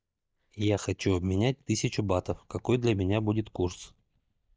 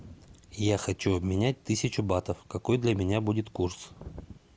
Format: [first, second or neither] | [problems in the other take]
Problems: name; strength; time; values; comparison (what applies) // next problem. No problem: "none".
second | noise reduction (neural mask model DeepFilterNet 3)